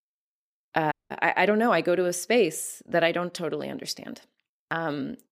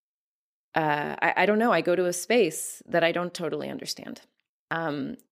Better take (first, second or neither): second